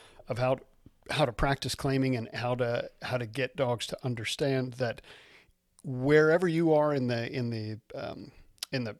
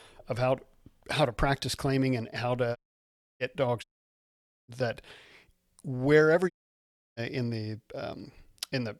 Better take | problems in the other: first | audio cutting out; at 3 s for 0.5 s, at 4 s for 1 s and at 6.5 s for 0.5 s

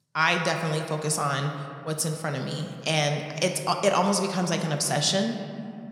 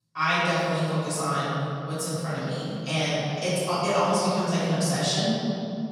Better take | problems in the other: first | room echo; strong; dies away in 2.8 s; slight in the first // off-mic speech; far

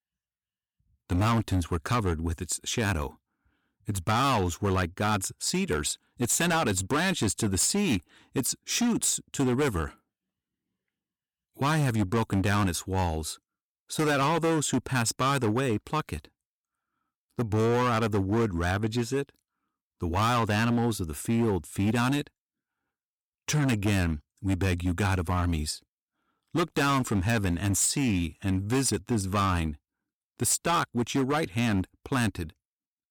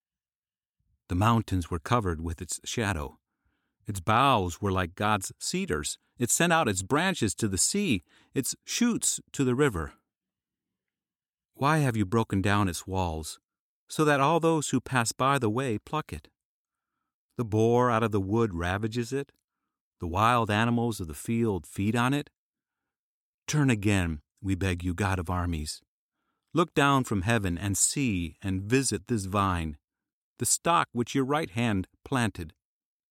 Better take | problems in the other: second | distortion; heavy; 12% of the sound clipped

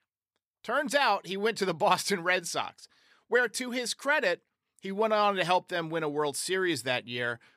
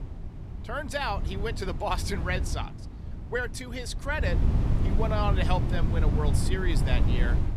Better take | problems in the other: first | wind noise on the microphone; heavy; 8 dB below the speech

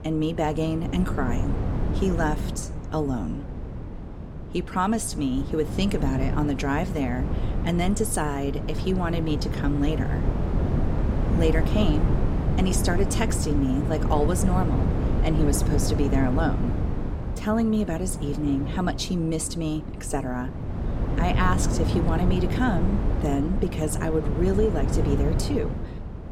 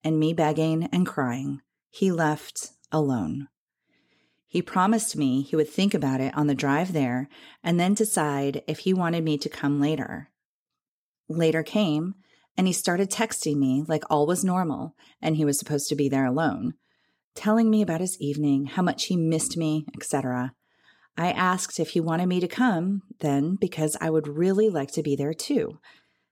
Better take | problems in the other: second | wind noise on the microphone; heavy; 6 dB below the speech

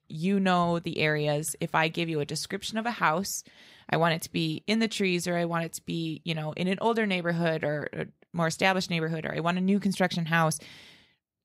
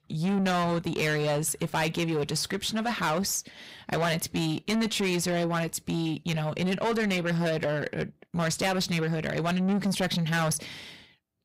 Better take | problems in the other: first | distortion; heavy; 7 dB below the speech

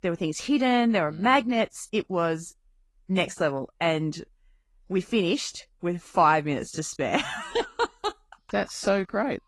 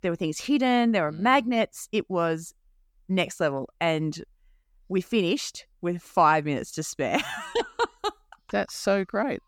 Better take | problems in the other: second | garbled, watery; slightly

